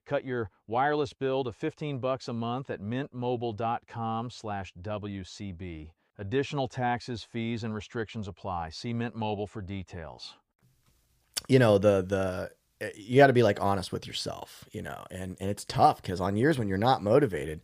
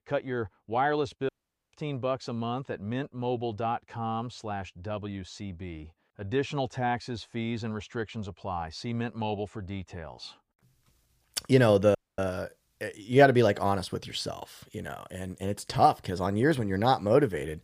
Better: first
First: none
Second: audio cutting out; at 1.5 s and at 12 s

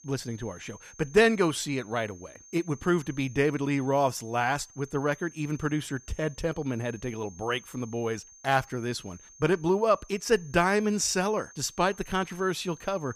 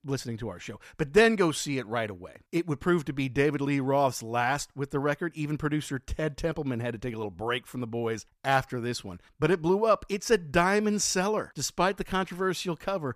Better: second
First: high-pitched whine; faint; throughout; 6.5 kHz, 20 dB below the speech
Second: none

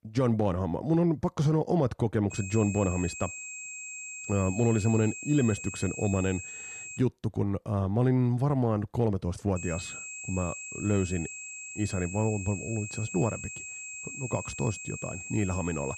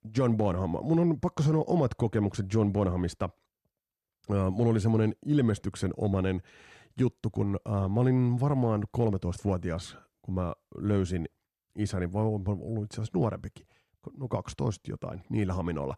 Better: second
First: high-pitched whine; loud; from 2.5 to 7 s and from 9.5 s on; 2.5 kHz, 9 dB below the speech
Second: none

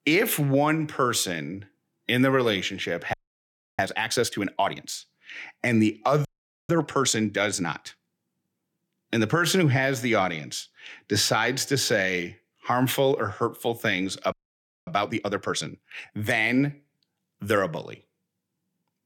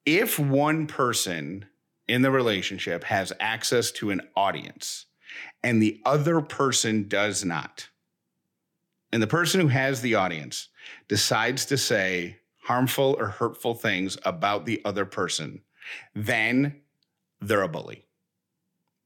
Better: second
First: audio freezing; at 3 s for 0.5 s, at 6.5 s and at 14 s for 0.5 s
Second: none

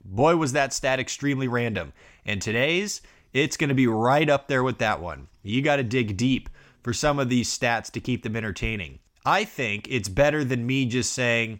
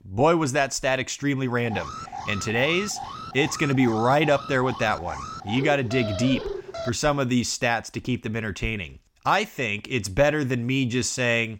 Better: first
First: none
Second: alarm; noticeable; from 1.5 to 7 s; peak 7 dB below the speech

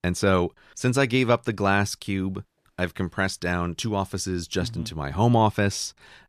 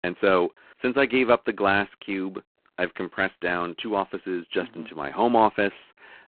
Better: first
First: none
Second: phone-call audio; poor line; nothing above 4 kHz

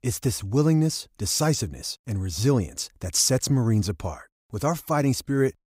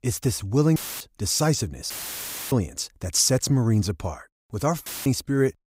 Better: first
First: none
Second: audio cutting out; filled with static; at 1 s, at 2 s for 0.5 s and at 5 s

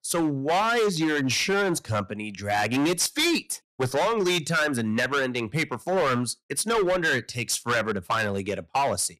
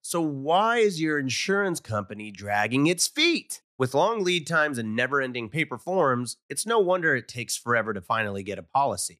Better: second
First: distortion; heavy; 16% of the sound clipped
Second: none

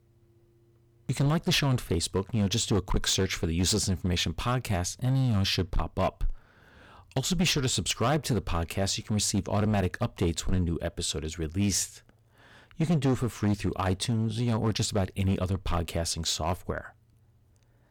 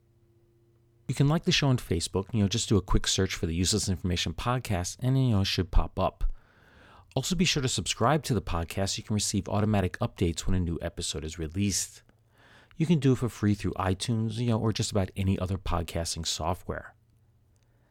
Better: second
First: distortion; slight; 7% of the sound clipped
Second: none

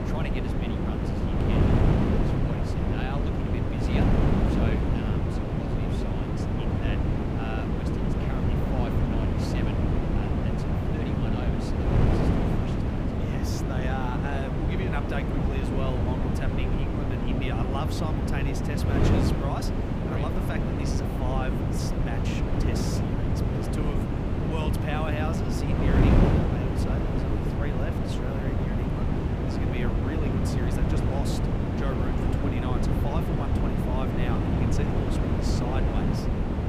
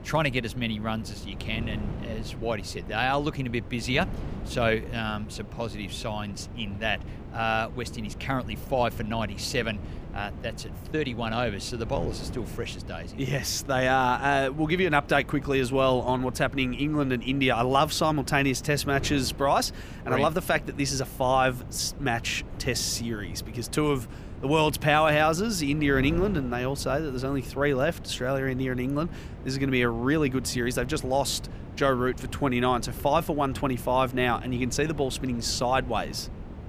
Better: second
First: wind noise on the microphone; heavy; 5 dB above the speech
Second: wind noise on the microphone; occasional gusts; 20 dB below the speech

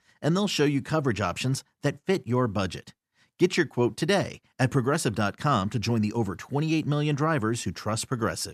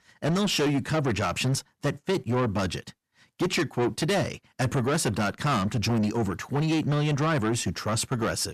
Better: first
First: none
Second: distortion; heavy; 8 dB below the speech

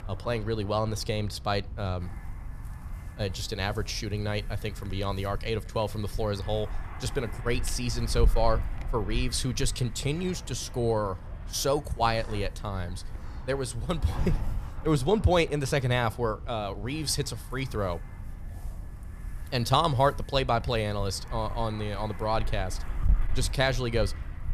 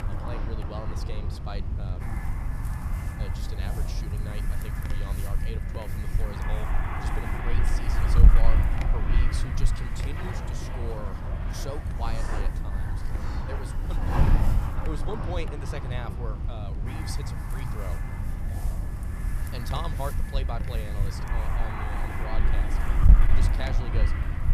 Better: first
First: wind noise on the microphone; occasional gusts; 20 dB below the speech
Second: wind noise on the microphone; heavy; 2 dB above the speech

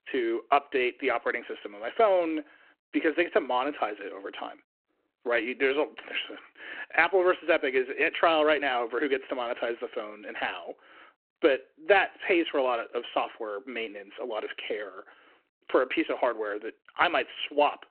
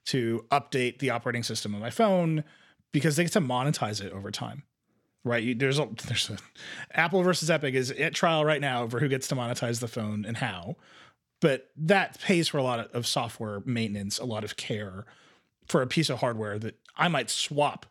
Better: second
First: phone-call audio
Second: none

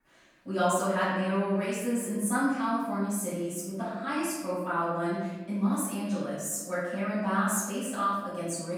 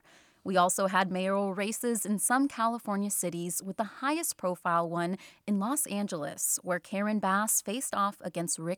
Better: second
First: off-mic speech; far // room echo; strong; dies away in 1.1 s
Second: none

